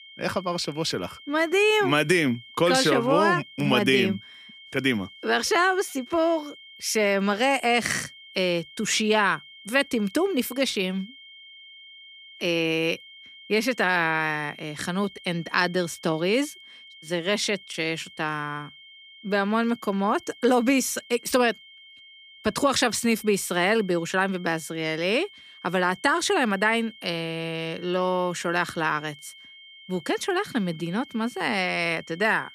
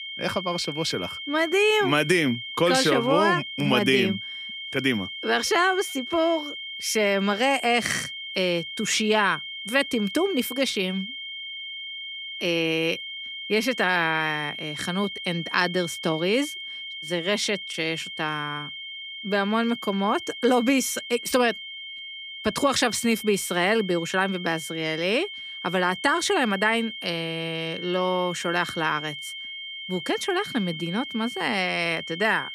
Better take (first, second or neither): first